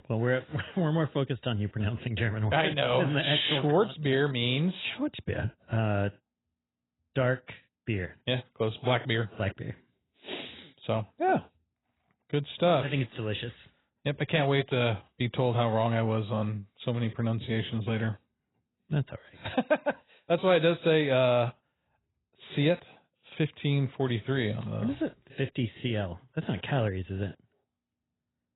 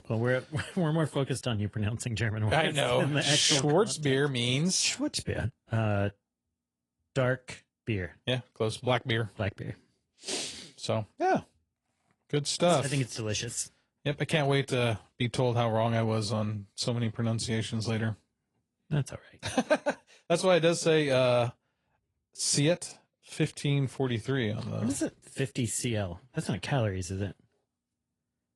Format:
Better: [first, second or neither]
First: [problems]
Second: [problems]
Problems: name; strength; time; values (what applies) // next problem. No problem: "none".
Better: second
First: garbled, watery; badly; nothing above 4 kHz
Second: garbled, watery; slightly; nothing above 10.5 kHz